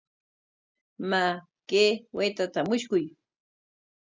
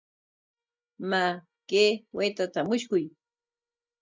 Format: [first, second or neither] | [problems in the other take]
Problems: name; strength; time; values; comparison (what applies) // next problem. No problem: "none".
first | noise reduction (neural mask model DeepFilterNet 3)